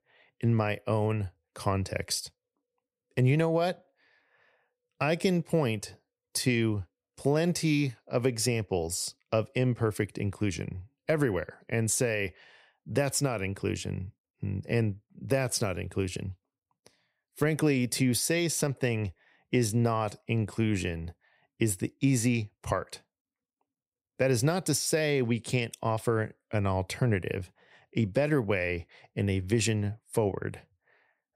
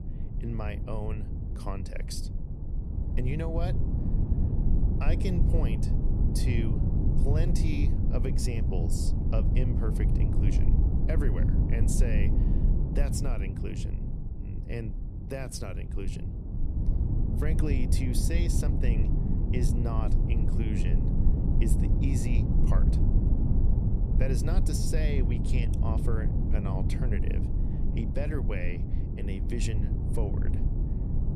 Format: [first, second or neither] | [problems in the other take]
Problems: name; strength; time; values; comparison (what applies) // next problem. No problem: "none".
first | low rumble; loud; throughout; 1 dB below the speech